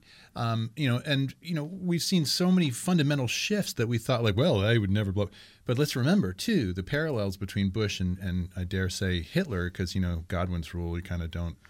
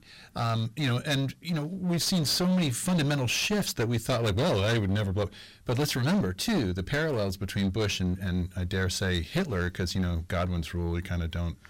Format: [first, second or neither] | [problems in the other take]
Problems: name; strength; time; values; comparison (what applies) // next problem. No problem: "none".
first | distortion; heavy; 18% of the sound clipped